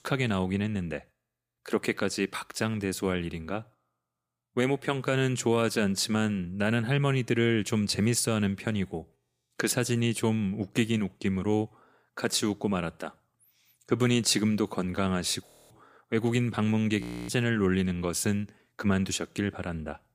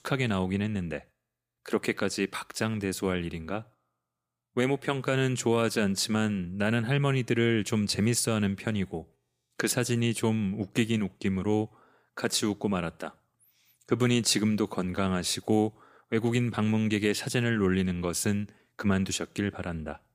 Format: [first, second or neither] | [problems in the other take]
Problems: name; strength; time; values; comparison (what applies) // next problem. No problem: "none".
second | audio freezing; at 15 s and at 17 s